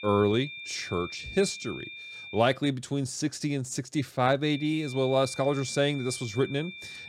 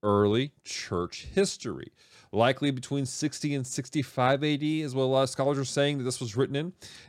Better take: second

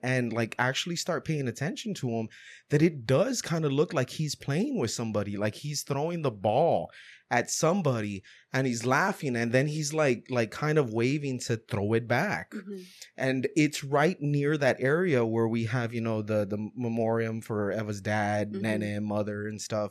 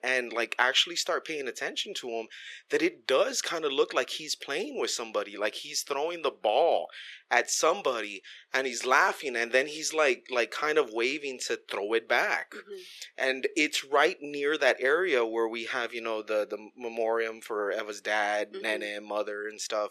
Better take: first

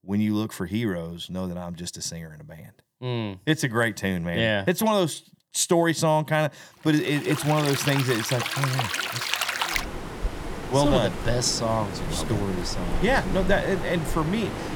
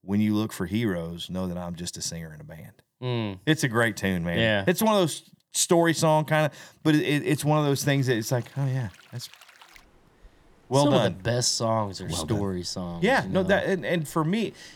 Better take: second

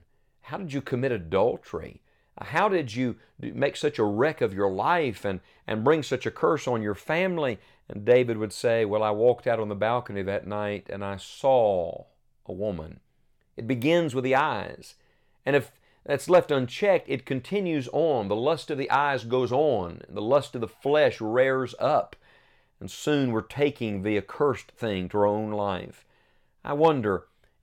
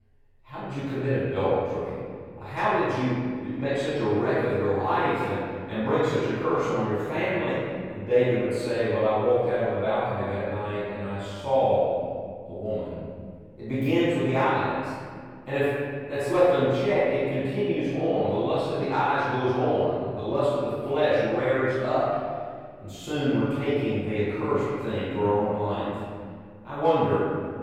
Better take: first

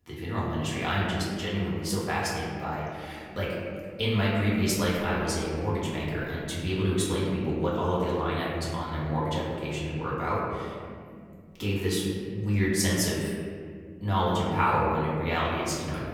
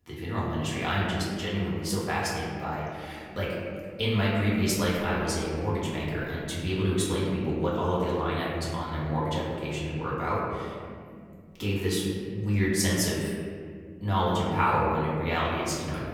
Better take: neither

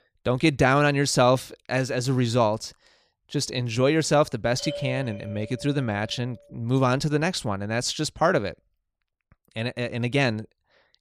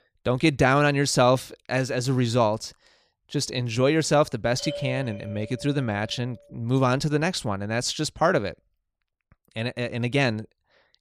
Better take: neither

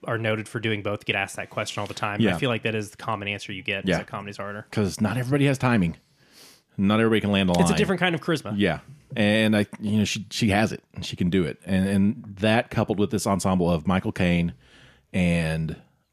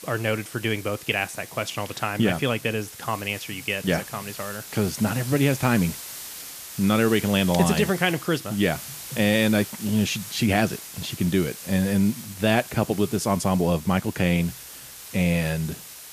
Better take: first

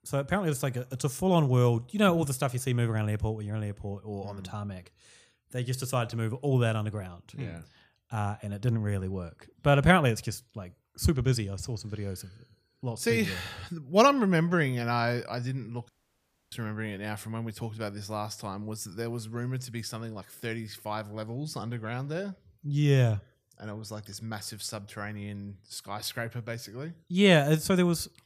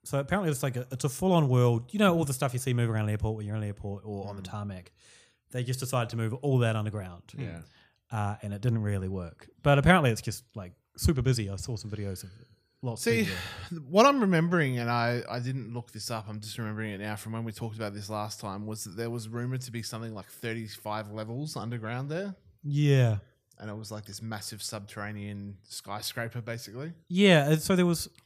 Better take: second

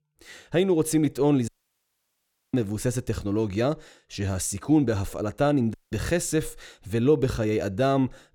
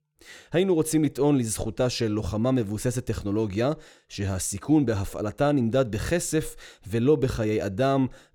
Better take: second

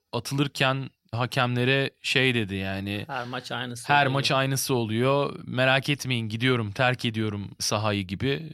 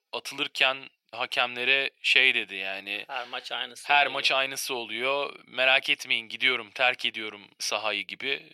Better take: first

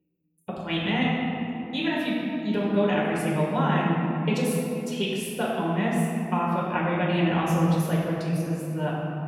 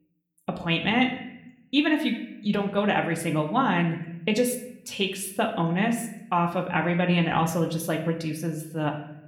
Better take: second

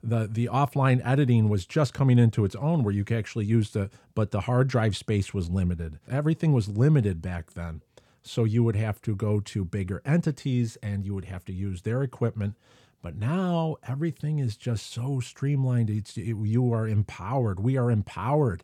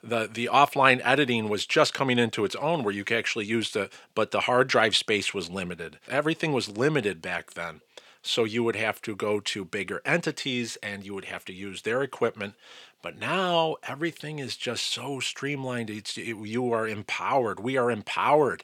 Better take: first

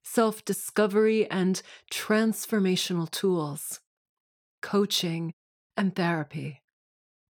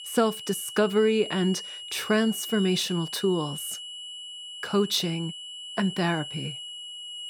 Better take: first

